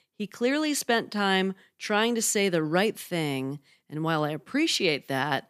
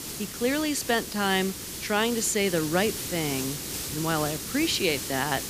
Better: first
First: none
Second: hiss; loud; throughout; 6 dB below the speech

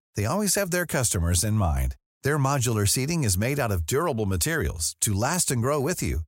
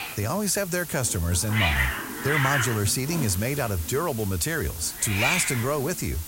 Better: first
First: none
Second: hiss; loud; throughout; 3 dB below the speech

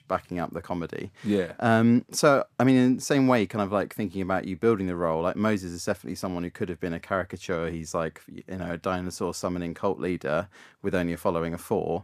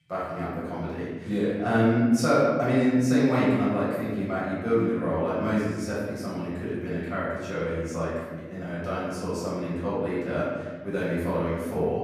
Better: first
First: none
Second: room echo; strong; dies away in 1.3 s // off-mic speech; far

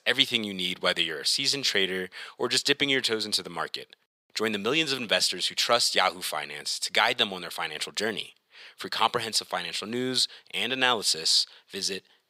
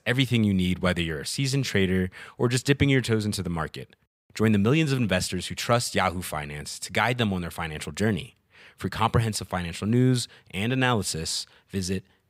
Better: second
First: thin; somewhat; fading below 400 Hz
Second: none

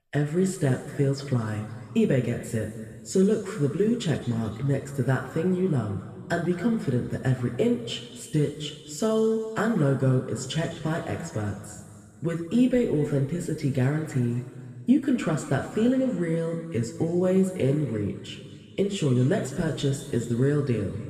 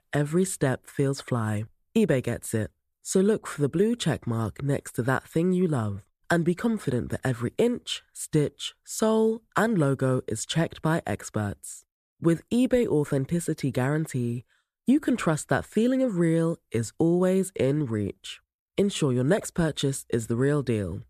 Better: second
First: room echo; noticeable; dies away in 2.2 s // off-mic speech; somewhat distant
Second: none

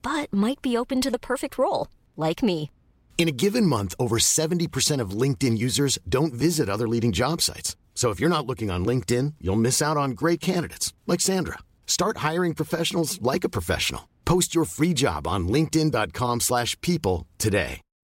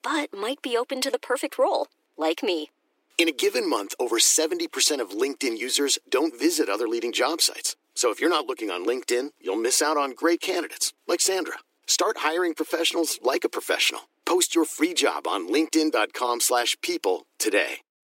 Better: first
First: none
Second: thin; somewhat; fading below 300 Hz

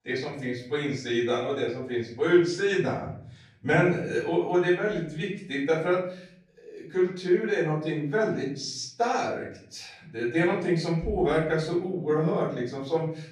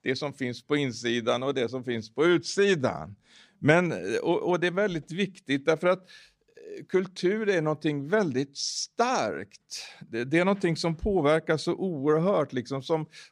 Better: second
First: off-mic speech; far // room echo; noticeable; dies away in 0.7 s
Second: none

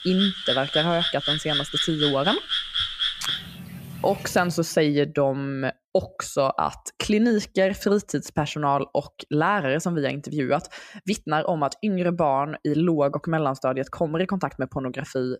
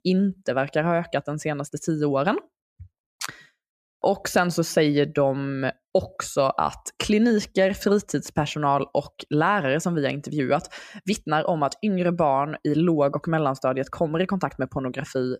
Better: second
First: animal sounds; loud; until 4.5 s; as loud as the speech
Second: none

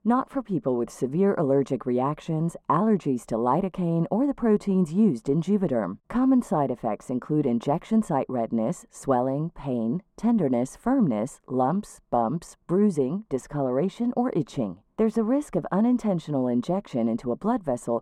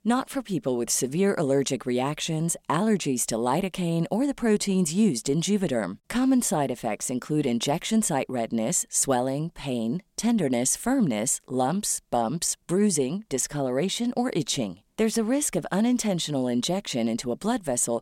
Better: second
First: muffled; very; fading above 2 kHz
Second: none

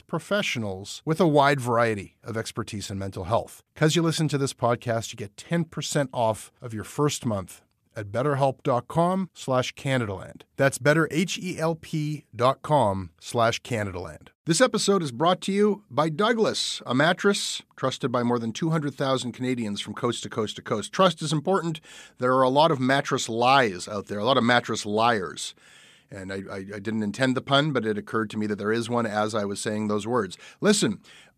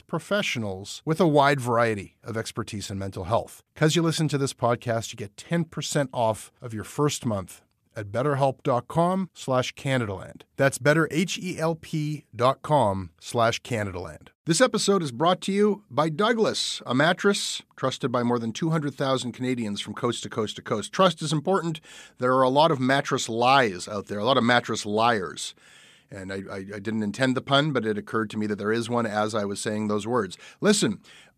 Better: neither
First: none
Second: none

